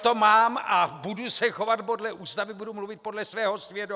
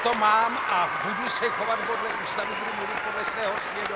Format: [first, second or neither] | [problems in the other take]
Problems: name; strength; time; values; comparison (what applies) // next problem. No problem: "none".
first | background sound (Applause); 1 dB below the speech